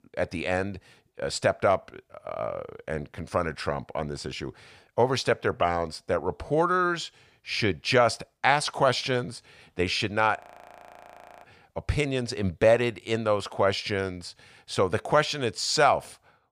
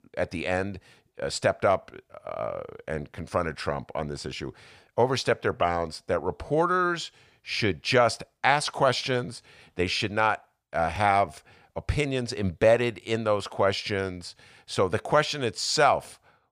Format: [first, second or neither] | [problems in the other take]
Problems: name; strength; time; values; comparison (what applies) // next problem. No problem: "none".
second | audio freezing; at 10 s for 1 s